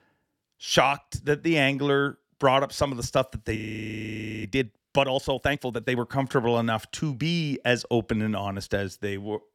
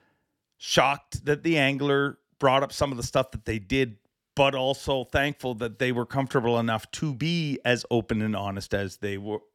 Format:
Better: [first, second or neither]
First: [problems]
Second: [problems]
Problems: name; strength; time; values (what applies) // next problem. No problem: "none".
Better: second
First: audio freezing; at 3.5 s for 1 s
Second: none